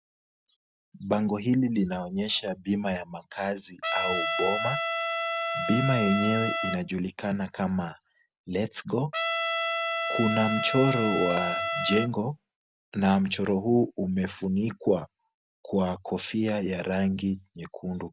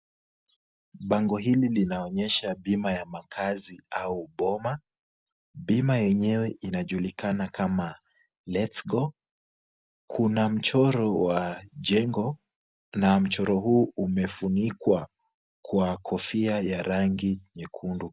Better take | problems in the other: second | background sound (Trumpet); 1 dB below the speech

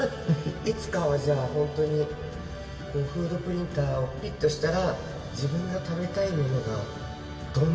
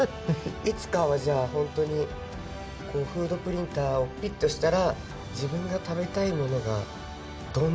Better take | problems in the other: second | room echo; dies away in 1.8 s

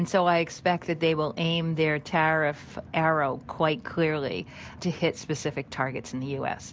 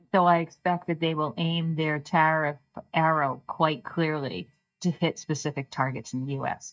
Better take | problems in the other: first | noise reduction (neural mask model DeepFilterNet 3)

